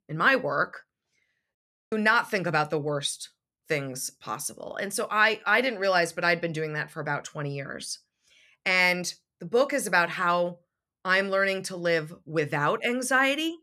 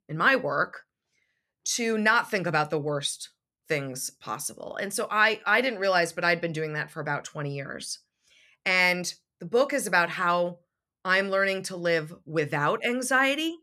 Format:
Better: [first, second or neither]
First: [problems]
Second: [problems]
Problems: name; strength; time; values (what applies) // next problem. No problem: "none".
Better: second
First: audio cutting out; at 1.5 s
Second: none